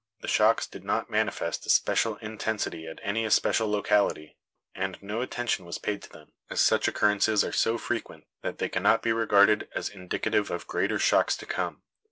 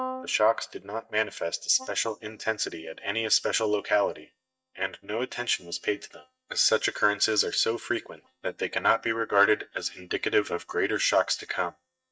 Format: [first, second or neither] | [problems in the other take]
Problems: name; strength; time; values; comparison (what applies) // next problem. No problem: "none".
first | noise reduction (neural mask model DeepFilterNet 3)